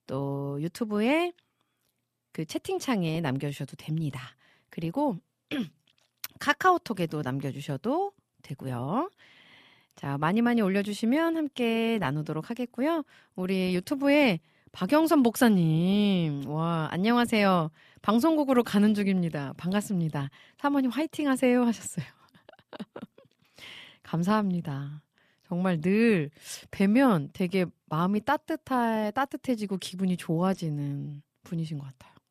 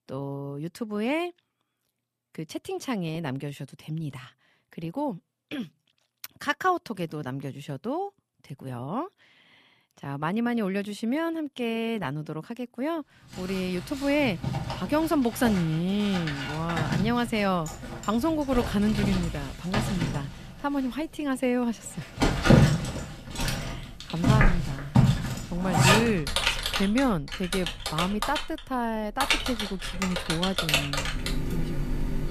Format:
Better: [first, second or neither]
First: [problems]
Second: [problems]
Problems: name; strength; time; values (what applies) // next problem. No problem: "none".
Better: first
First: none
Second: household noises; very loud; from 14 s on; 2 dB above the speech